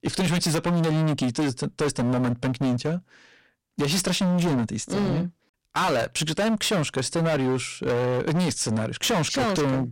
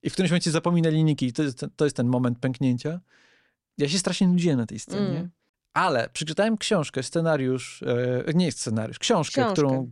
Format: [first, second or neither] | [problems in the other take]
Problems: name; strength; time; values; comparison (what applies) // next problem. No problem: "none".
second | distortion; heavy; 28% of the sound clipped